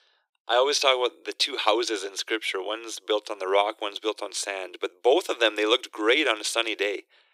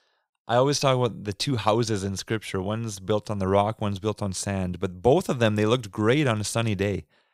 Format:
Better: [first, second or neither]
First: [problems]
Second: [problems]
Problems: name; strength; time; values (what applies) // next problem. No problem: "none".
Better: second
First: thin; very; fading below 300 Hz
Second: none